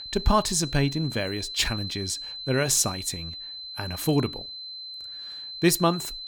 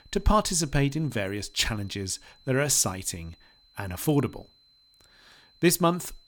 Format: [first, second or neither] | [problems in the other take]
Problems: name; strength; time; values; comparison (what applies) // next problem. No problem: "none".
second | high-pitched whine; loud; throughout; 4 kHz, 9 dB below the speech; faint in the second